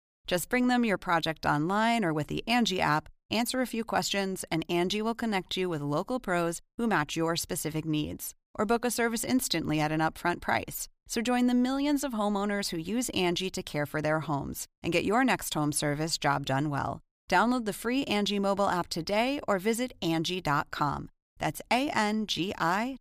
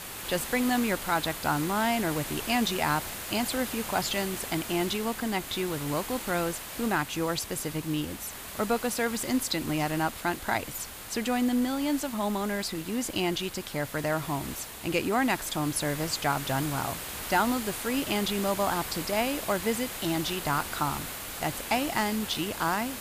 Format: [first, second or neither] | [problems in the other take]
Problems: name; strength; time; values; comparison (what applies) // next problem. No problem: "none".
first | hiss; loud; throughout; 7 dB below the speech